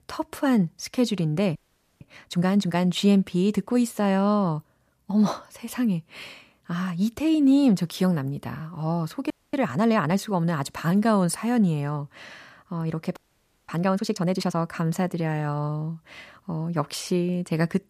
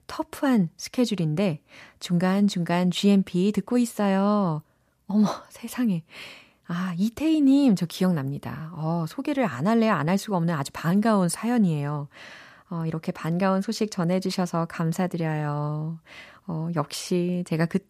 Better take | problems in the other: second | audio freezing; at 1.5 s, at 9.5 s and at 13 s for 0.5 s

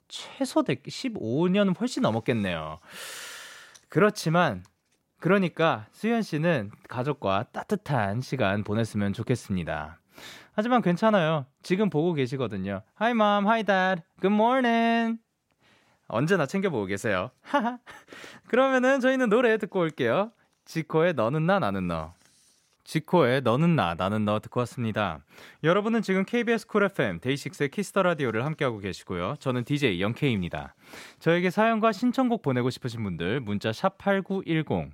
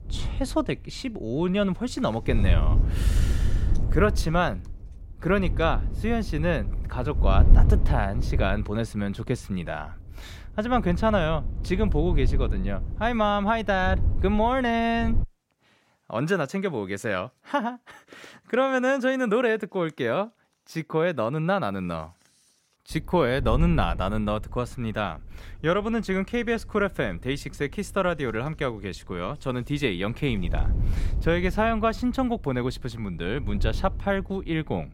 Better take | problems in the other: first | wind noise on the microphone; occasional gusts; until 15 s and from 23 s on; 15 dB below the speech

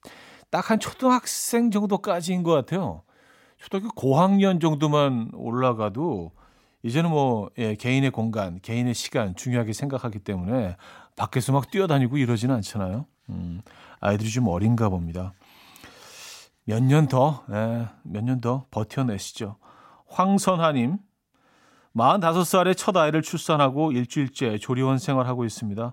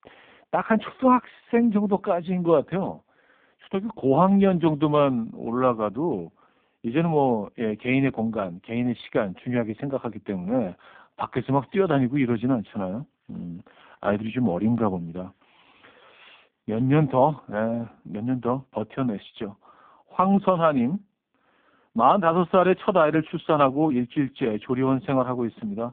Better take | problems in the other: first | phone-call audio; poor line

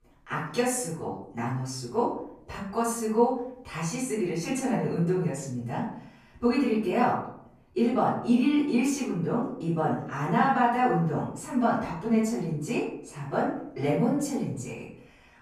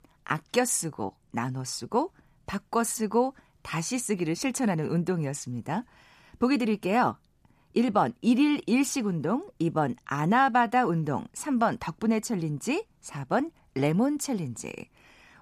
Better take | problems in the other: second | off-mic speech; far // room echo; noticeable; dies away in 0.6 s

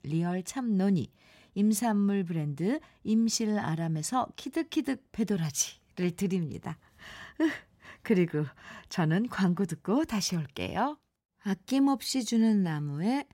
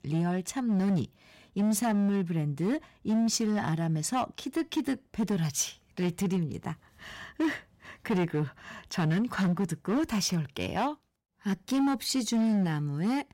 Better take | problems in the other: first | distortion; slight; 11% of the sound clipped

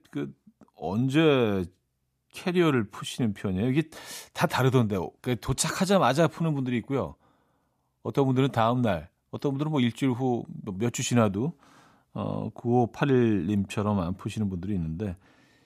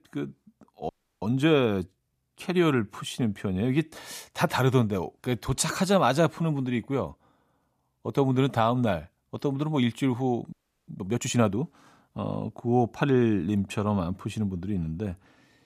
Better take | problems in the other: first | audio freezing; at 1 s and at 11 s

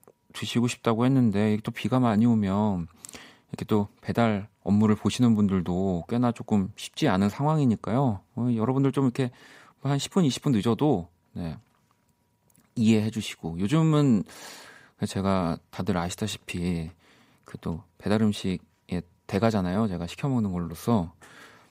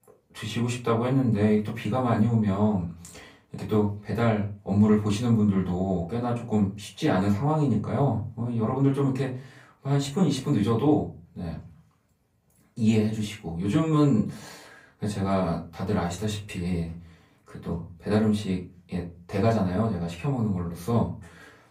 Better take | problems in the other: first | off-mic speech; far // room echo; slight; dies away in 0.3 s

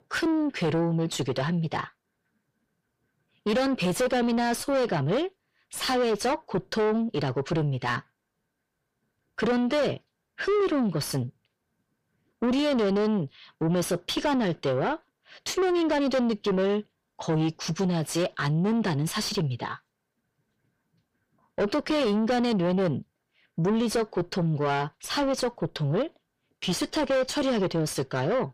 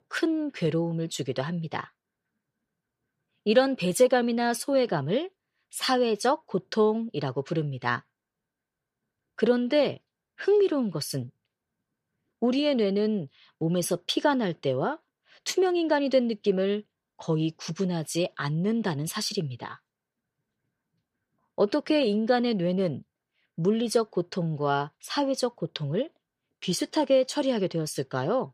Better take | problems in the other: second | distortion; heavy; 7 dB below the speech

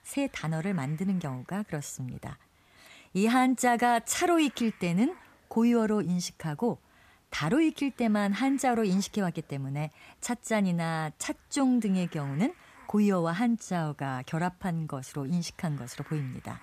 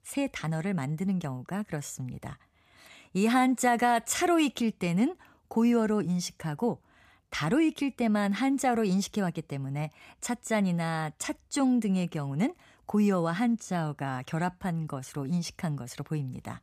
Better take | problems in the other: second | hiss; faint; throughout; 30 dB below the speech

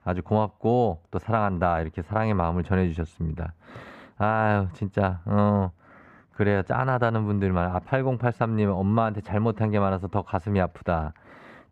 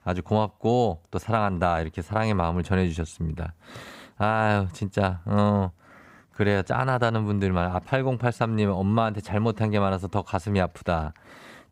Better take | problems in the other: second | muffled; slightly; fading above 3.5 kHz

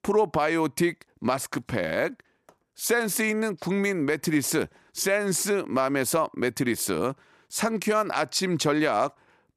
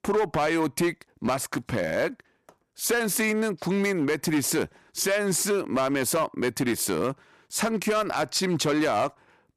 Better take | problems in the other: first | distortion; slight; 8% of the sound clipped

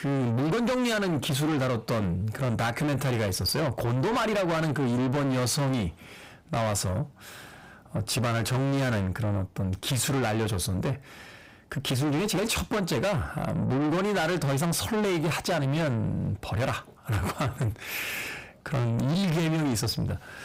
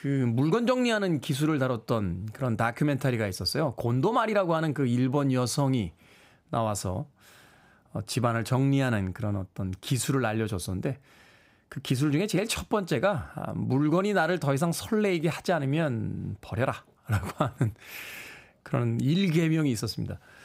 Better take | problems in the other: second | distortion; heavy; 6 dB below the speech

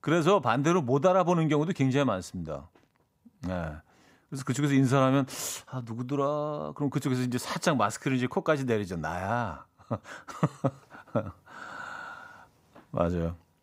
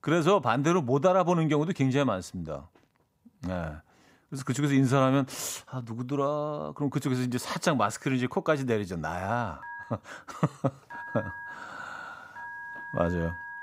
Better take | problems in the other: first | phone ringing; faint; from 9.5 s on; peak 10 dB below the speech

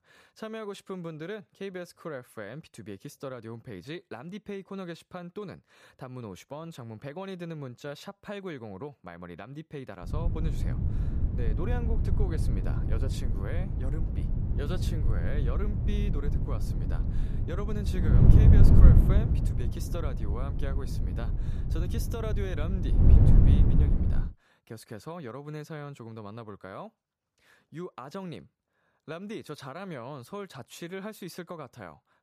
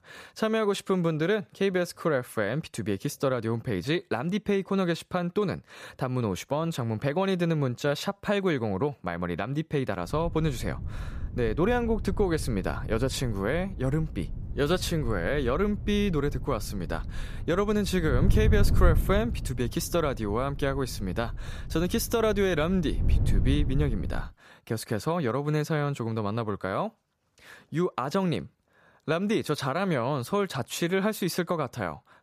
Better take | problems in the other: second | wind noise on the microphone; heavy; from 10 to 24 s; 2 dB above the speech; occasional gusts in the second

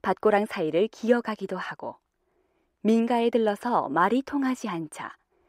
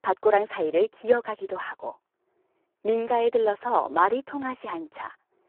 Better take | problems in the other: first | phone-call audio; poor line

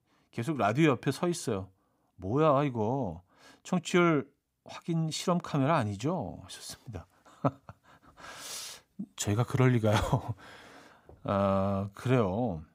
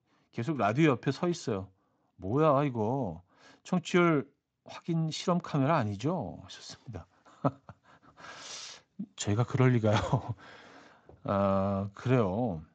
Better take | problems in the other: first | garbled, watery; slightly; nothing above 7.5 kHz

